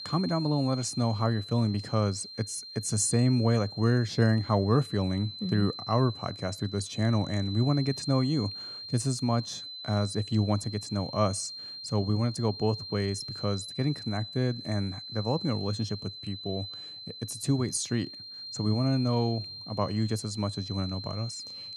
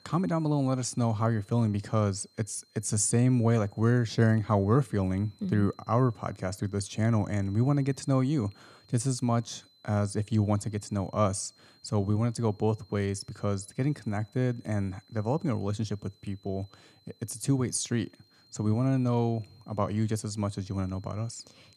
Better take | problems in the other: second | high-pitched whine; loud; throughout; 4 kHz, 10 dB below the speech; faint in the second

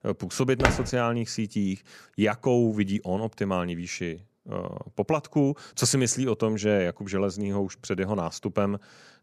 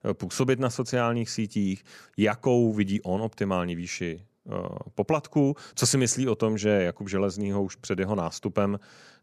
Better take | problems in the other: second | footsteps; loud; at 0.5 s; peak 1 dB above the speech

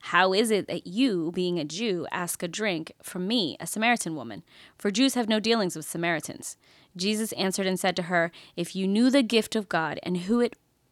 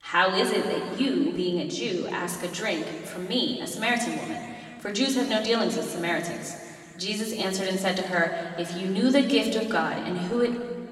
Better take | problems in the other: first | room echo; noticeable; dies away in 2.3 s // off-mic speech; somewhat distant

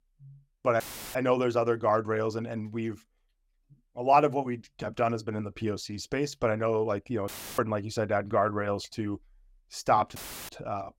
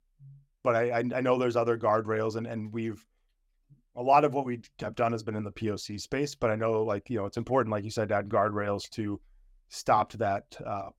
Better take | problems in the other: second | audio cutting out; filled with static; at 1 s, at 7.5 s and at 10 s

